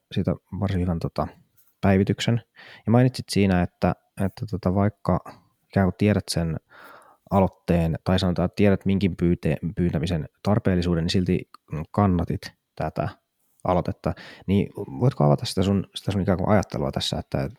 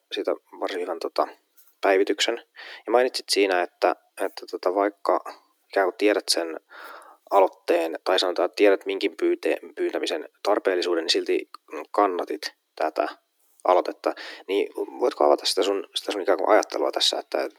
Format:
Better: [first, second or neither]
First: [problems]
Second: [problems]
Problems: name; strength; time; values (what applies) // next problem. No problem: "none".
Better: first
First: none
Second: thin; very; fading below 300 Hz